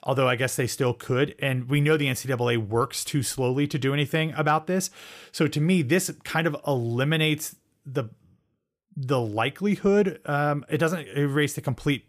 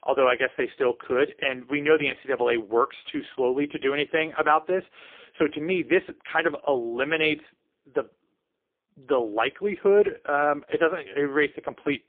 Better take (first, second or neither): first